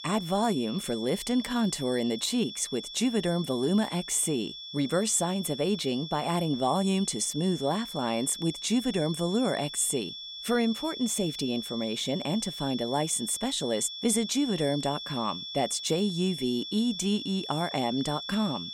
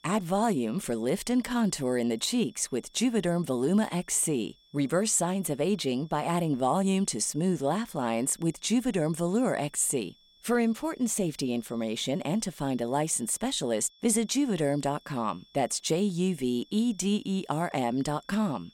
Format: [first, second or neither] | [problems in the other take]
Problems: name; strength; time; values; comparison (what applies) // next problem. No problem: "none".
second | high-pitched whine; loud; throughout; 3.5 kHz, 9 dB below the speech; faint in the second